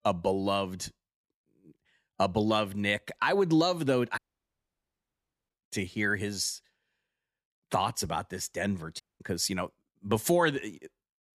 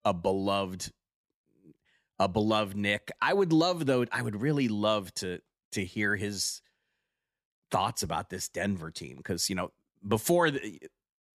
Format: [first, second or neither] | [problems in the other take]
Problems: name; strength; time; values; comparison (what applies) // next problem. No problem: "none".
second | audio cutting out; at 4 s for 1.5 s and at 9 s